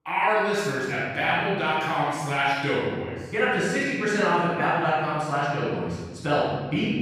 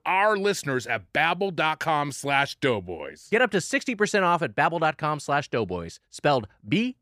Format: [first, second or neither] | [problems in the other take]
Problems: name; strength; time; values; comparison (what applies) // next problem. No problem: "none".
second | off-mic speech; far // room echo; strong; dies away in 1.5 s